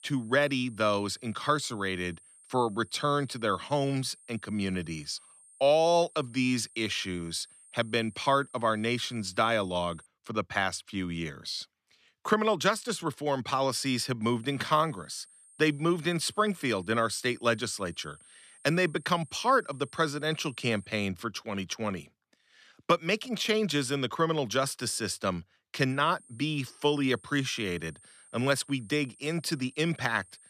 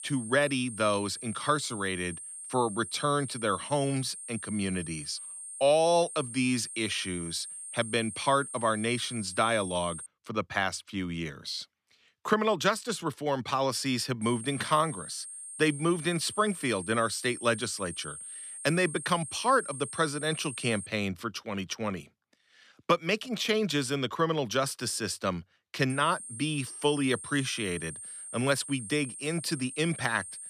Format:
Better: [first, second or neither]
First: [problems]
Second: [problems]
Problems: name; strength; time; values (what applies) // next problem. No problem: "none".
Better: first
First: high-pitched whine; faint; until 10 s, from 14 to 21 s and from 26 s on; 8.5 kHz, 25 dB below the speech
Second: high-pitched whine; loud; until 10 s, from 14 to 21 s and from 26 s on; 8.5 kHz, 10 dB below the speech